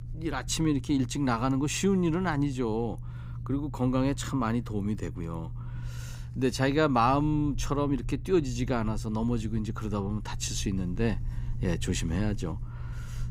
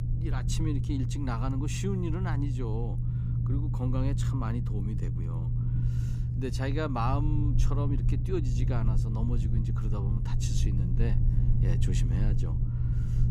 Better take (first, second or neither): first